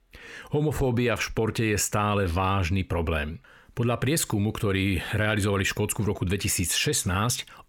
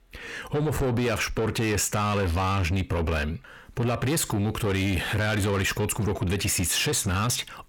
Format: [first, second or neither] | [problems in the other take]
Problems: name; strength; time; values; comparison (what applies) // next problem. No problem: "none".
first | distortion; slight; 10 dB below the speech